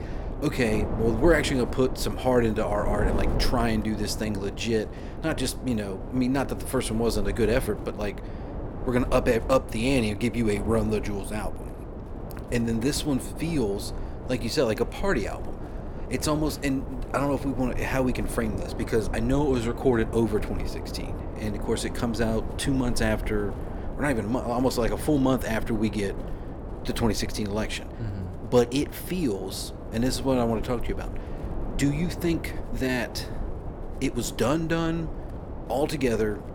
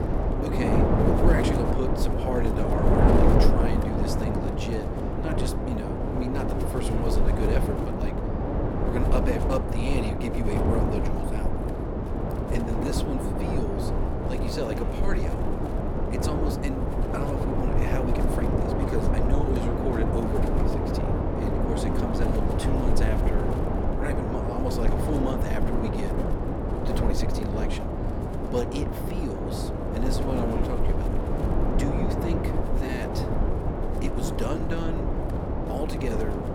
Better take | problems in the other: first | wind noise on the microphone; heavy; 4 dB above the speech; occasional gusts in the first

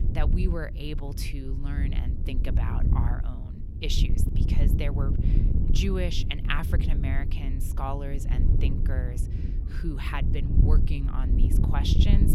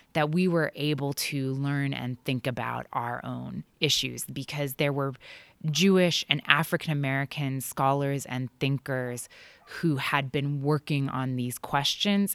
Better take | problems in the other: second | wind noise on the microphone; heavy; 5 dB below the speech

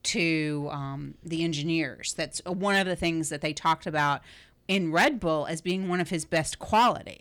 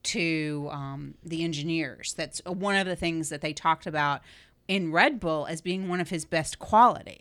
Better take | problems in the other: second | distortion; slight; 1.8% of the sound clipped

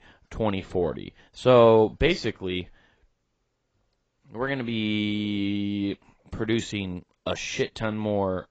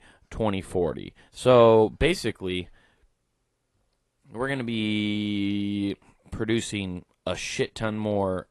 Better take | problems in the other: second | garbled, watery; badly; nothing above 7.5 kHz; slightly in the second

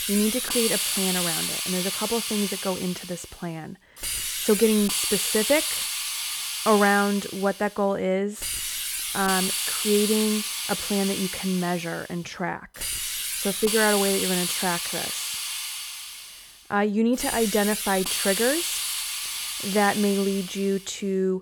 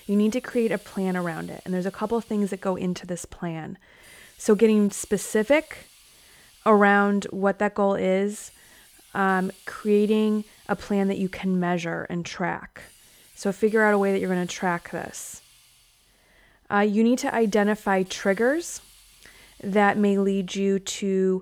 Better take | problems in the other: second | hiss; loud; throughout; 1 dB below the speech; faint in the second

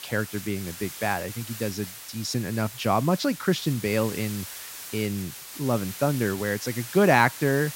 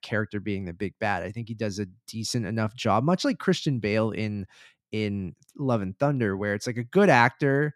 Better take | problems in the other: second | hiss; noticeable; throughout; 10 dB below the speech

